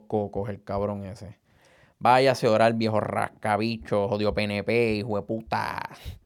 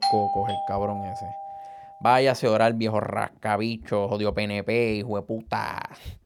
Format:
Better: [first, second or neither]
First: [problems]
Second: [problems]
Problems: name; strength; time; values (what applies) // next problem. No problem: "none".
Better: first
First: none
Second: doorbell; loud; until 1.5 s; peak 2 dB above the speech